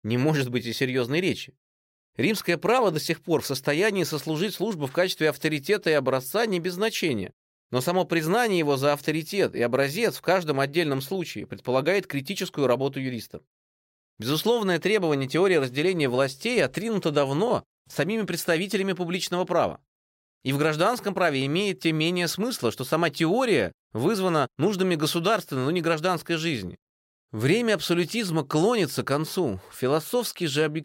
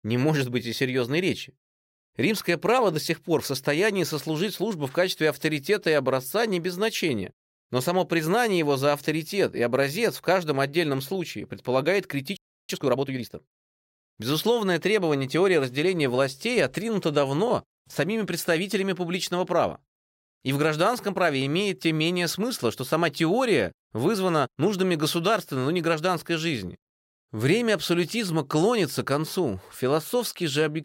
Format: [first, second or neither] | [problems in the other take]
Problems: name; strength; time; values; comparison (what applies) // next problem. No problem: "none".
first | audio freezing; at 12 s